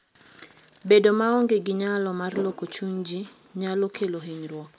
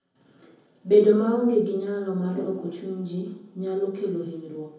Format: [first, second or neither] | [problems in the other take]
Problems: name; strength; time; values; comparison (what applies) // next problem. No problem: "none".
first | room echo; dies away in 0.7 s